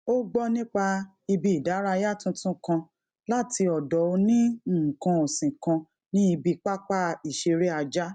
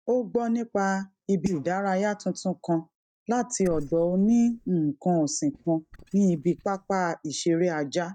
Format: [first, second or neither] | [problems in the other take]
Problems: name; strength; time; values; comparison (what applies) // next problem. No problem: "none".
first | noise reduction (neural mask model DeepFilterNet 3)